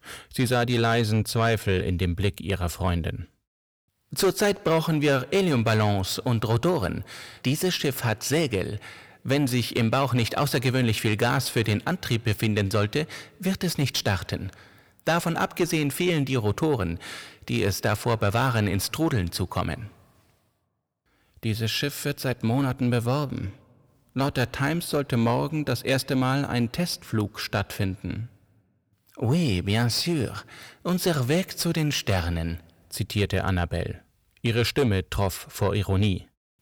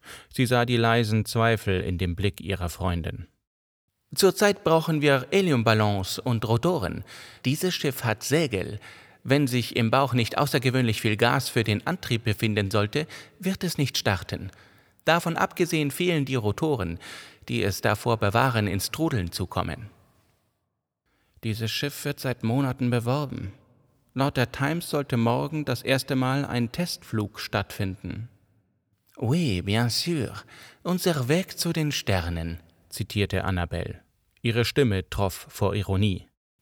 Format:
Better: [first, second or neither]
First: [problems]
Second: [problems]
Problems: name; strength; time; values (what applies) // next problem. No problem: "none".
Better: second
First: distortion; slight; 10 dB below the speech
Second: none